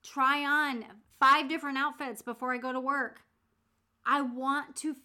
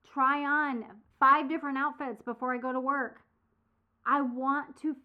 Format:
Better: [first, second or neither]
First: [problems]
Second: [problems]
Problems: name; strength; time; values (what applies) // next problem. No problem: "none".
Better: first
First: none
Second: muffled; very; fading above 3 kHz